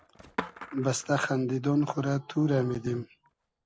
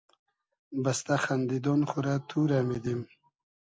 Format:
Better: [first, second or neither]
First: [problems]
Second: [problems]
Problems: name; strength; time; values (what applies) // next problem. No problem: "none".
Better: second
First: background sound (Skateboard); 16 dB below the speech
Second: none